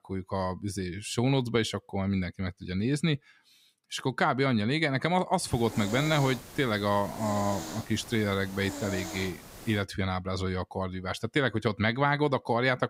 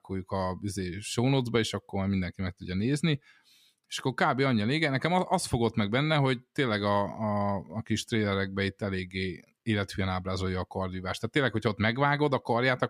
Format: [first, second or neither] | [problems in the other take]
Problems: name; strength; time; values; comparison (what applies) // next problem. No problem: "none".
second | hiss; noticeable; from 5.5 to 10 s; 10 dB below the speech